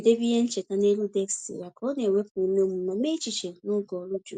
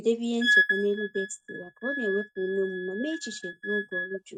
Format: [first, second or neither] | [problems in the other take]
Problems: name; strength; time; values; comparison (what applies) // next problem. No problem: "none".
first | noise reduction (neural mask model RNNoise)